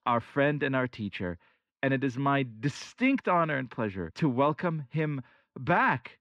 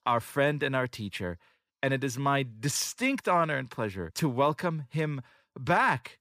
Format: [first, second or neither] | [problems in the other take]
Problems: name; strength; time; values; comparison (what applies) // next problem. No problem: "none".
second | muffled; slightly; fading above 2.5 kHz